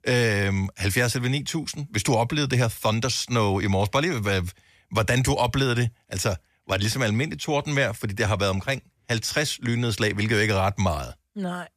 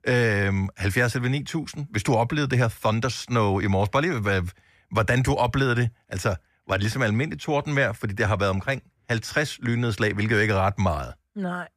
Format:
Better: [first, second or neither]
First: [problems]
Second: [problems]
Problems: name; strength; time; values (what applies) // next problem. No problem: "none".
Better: first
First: none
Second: muffled; slightly; fading above 2.5 kHz